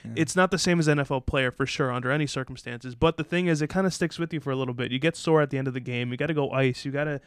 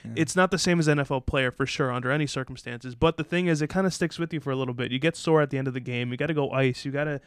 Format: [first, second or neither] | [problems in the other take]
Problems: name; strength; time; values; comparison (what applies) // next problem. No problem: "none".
neither | none